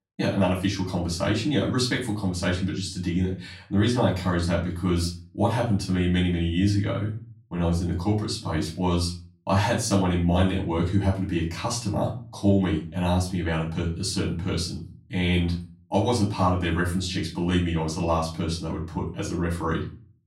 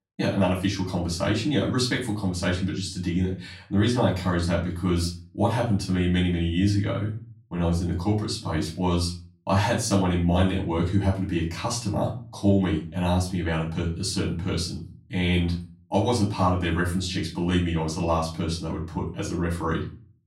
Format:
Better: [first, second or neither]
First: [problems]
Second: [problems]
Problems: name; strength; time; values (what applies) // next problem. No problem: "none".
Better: neither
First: off-mic speech; far // room echo; slight; dies away in 0.3 s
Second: off-mic speech; far // room echo; slight; dies away in 0.3 s